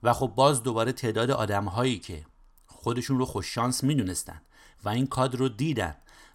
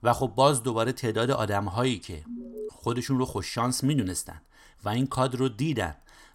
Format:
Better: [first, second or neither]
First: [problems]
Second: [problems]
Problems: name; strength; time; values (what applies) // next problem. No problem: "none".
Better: first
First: none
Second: alarm; faint; at 2.5 s; peak 10 dB below the speech